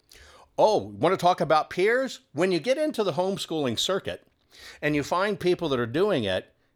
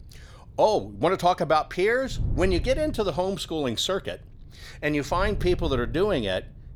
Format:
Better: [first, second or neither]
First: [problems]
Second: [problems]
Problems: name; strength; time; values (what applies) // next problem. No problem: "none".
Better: first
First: none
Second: wind noise on the microphone; occasional gusts; 25 dB below the speech